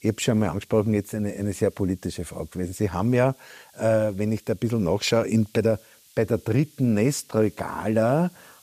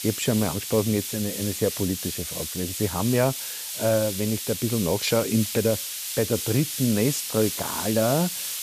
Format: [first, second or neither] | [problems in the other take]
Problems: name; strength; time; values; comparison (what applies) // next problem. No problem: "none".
first | hiss; loud; throughout; 4 dB below the speech; faint in the first